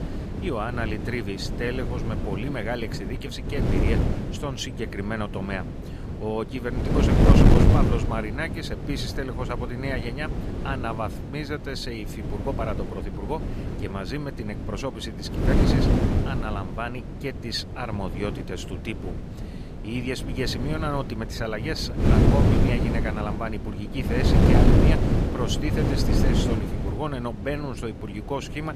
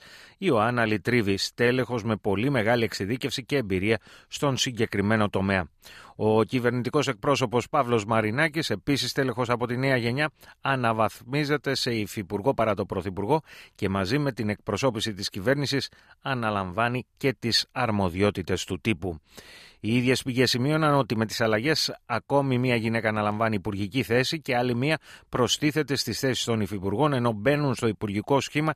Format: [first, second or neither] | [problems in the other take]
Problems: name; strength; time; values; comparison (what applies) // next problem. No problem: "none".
second | wind noise on the microphone; heavy; as loud as the speech